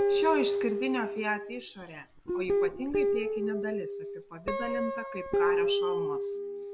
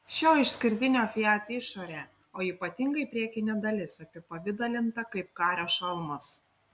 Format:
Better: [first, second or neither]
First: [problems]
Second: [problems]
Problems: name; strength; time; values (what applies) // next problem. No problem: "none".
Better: second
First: background sound (Guitar); 5 dB above the speech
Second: none